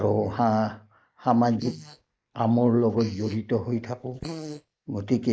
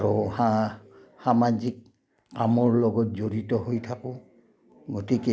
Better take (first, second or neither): second